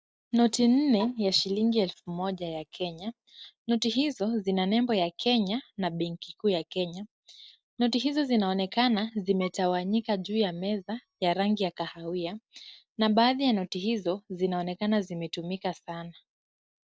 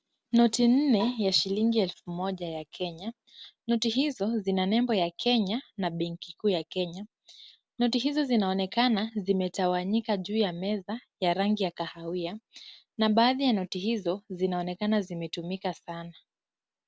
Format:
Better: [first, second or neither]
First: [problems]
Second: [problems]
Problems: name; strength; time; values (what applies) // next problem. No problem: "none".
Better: second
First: noise reduction (neural mask model DeepFilterNet 3)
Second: none